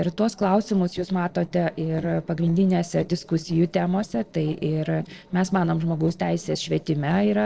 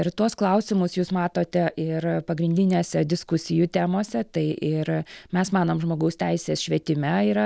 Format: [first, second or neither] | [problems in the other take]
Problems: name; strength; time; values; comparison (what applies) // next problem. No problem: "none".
second | noise reduction (neural separator model SepFormer DNS4)